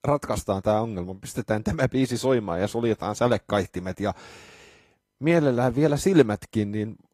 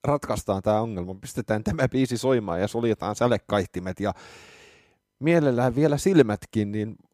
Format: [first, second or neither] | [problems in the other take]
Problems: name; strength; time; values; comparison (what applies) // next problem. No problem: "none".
second | garbled, watery; slightly; nothing above 15 kHz